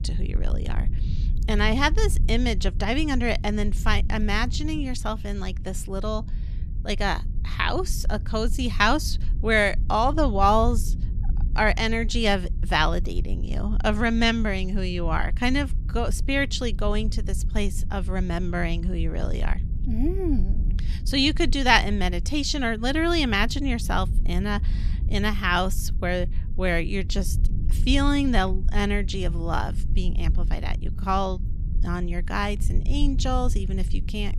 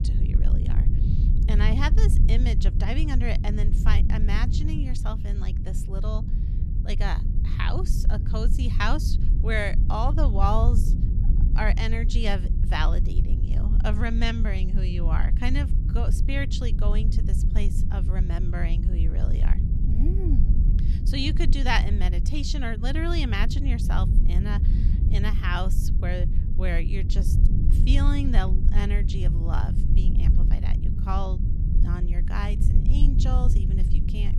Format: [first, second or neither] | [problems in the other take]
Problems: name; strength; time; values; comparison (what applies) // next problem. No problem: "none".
first | low rumble; loud; throughout; 8 dB below the speech; faint in the first